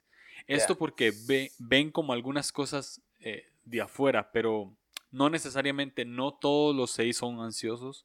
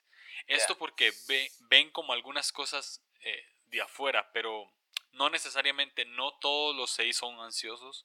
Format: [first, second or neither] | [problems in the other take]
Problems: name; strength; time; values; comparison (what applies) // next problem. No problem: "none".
first | thin; very; fading below 800 Hz